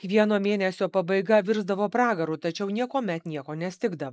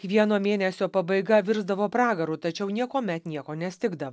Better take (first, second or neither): second